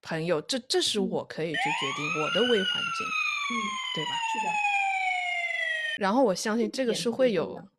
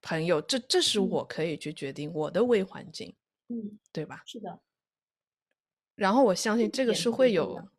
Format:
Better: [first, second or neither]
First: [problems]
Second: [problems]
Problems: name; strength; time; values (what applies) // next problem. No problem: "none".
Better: second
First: siren; loud; from 1.5 to 6 s; peak 3 dB above the speech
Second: none